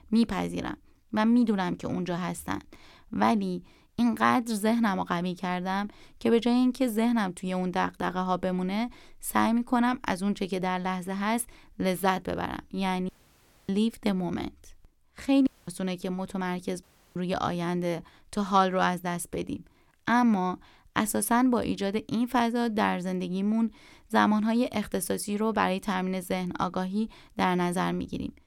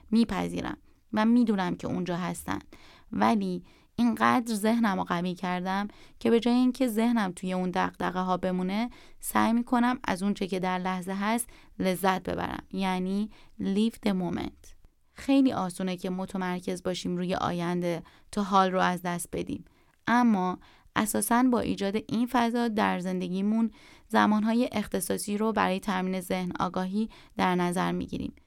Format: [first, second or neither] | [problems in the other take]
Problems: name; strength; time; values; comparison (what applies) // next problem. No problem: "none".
second | audio cutting out; at 13 s for 0.5 s, at 15 s and at 17 s